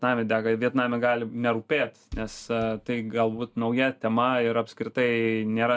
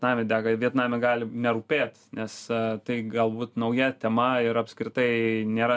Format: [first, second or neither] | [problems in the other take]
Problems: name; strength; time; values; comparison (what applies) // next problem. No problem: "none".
second | noise reduction (neural mask model DeepFilterNet 3)